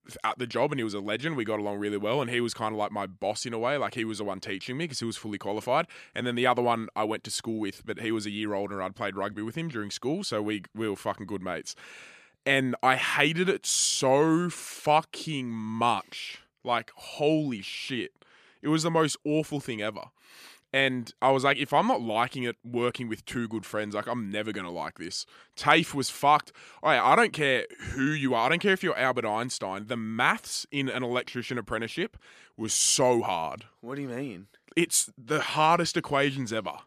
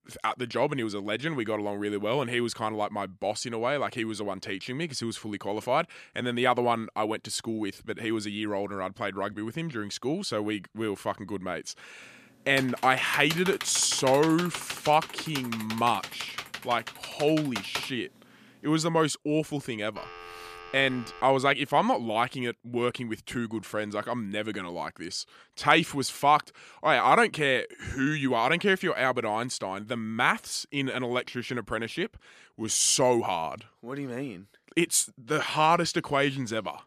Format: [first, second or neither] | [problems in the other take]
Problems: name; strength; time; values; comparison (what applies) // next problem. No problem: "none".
first | keyboard typing; noticeable; from 13 to 18 s; peak 6 dB below the speech // phone ringing; faint; from 20 to 21 s; peak 15 dB below the speech